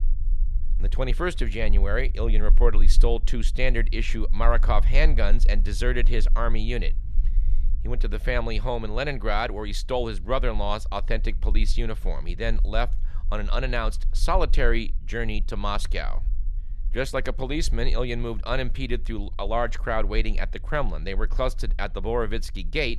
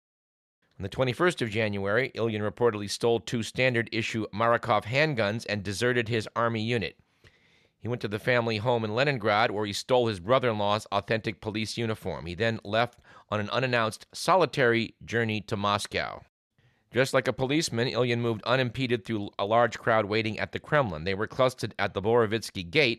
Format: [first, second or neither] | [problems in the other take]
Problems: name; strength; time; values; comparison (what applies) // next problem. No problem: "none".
second | low rumble; faint; throughout; 25 dB below the speech